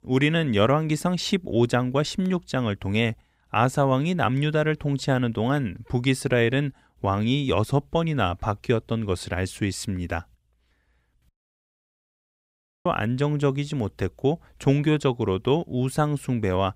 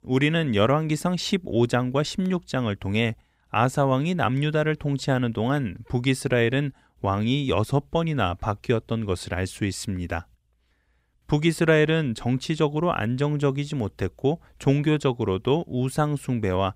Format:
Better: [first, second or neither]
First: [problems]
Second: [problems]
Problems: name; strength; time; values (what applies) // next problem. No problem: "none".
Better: second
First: audio cutting out; at 11 s for 1.5 s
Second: none